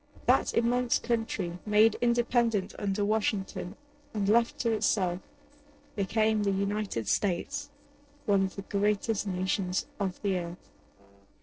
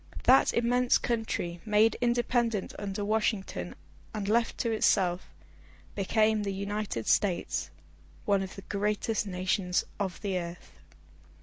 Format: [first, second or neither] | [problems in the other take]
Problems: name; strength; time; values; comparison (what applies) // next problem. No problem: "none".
second | noise reduction (neural separator model SepFormer DNS4)